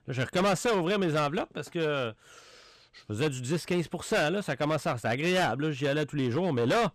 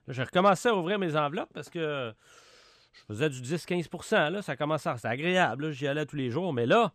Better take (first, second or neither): second